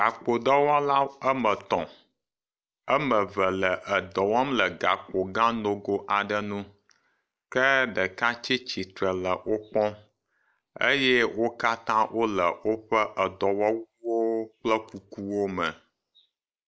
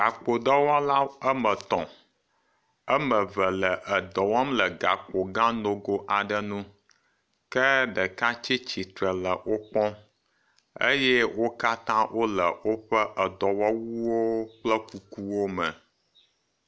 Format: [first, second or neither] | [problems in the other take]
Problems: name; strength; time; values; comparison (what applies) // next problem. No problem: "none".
second | noise reduction (neural mask model Resemble Enhance denoiser)